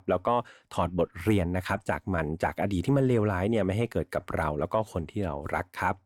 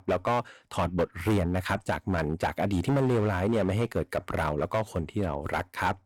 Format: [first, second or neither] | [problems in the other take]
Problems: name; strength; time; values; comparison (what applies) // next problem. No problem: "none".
first | distortion; slight; 9% of the sound clipped